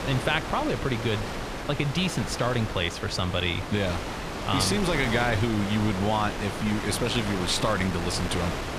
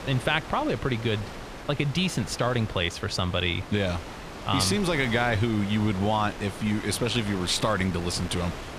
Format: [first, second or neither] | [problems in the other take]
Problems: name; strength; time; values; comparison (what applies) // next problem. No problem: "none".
second | wind noise on the microphone; heavy; 4 dB below the speech; occasional gusts in the second